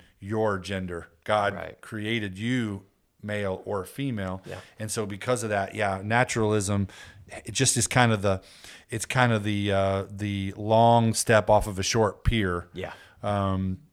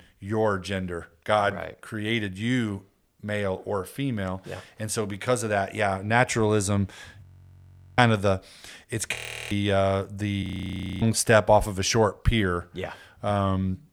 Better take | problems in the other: first | audio freezing; at 7 s for 1 s, at 9 s and at 10 s for 0.5 s

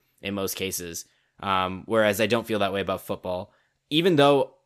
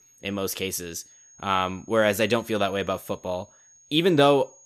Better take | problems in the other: first | high-pitched whine; faint; throughout; 6.5 kHz, 25 dB below the speech

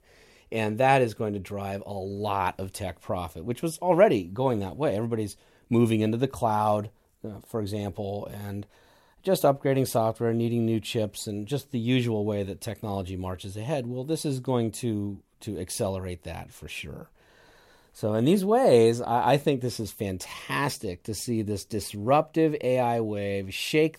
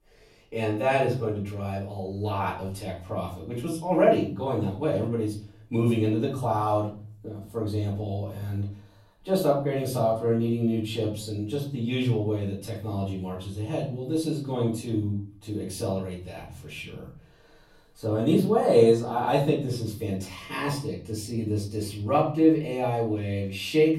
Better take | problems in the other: first | off-mic speech; far // room echo; slight; dies away in 0.5 s

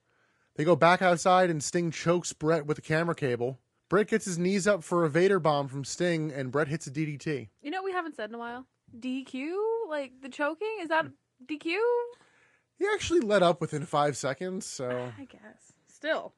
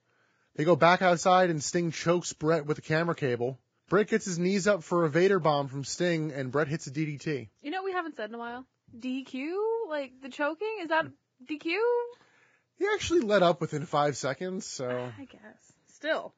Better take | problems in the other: first | garbled, watery; badly; nothing above 7.5 kHz; slightly in the first

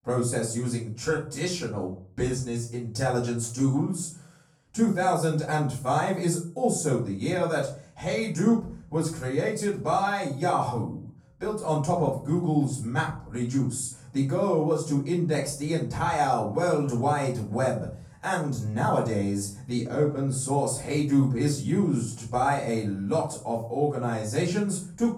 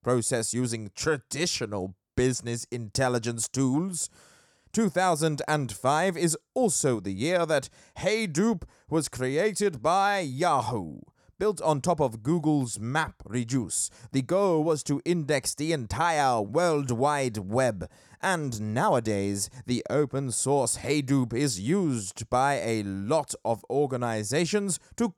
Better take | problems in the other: second | off-mic speech; far // room echo; slight; dies away in 0.4 s

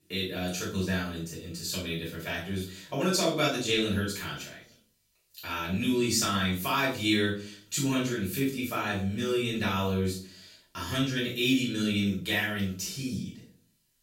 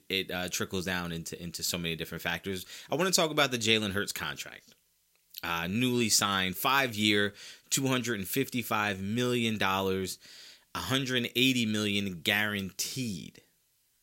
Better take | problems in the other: second | off-mic speech; far // room echo; noticeable; dies away in 0.4 s

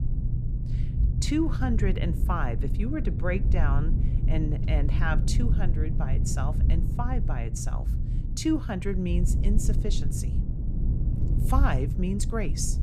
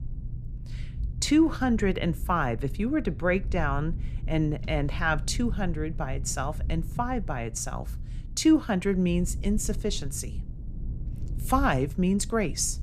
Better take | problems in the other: second | low rumble; loud; throughout; 8 dB below the speech; faint in the second

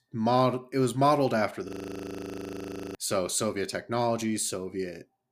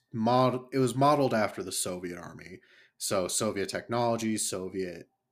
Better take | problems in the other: second | audio freezing; at 1.5 s for 1.5 s

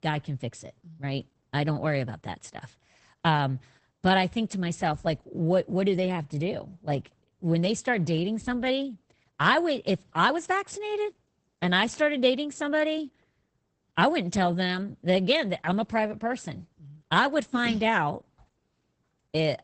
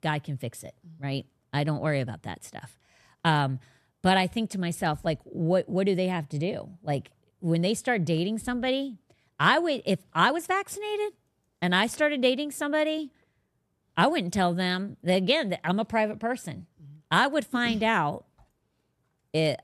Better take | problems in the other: second | garbled, watery; badly; nothing above 8 kHz

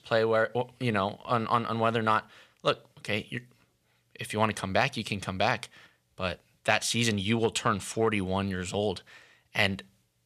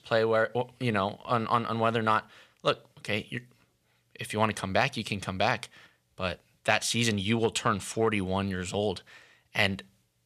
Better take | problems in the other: neither | none

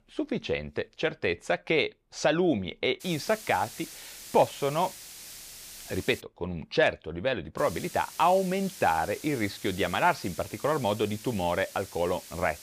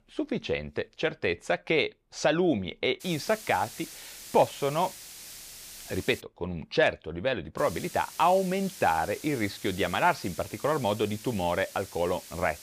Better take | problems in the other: neither | hiss; noticeable; from 3 to 6 s and from 7.5 s on; 15 dB below the speech; the same in both

